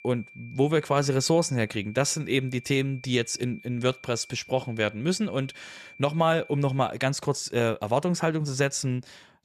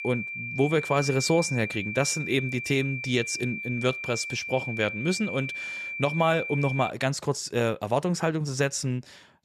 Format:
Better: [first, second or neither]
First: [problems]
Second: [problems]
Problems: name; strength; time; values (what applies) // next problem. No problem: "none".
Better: first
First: high-pitched whine; faint; until 7 s; 2.5 kHz, 20 dB below the speech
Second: high-pitched whine; loud; until 7 s; 2.5 kHz, 6 dB below the speech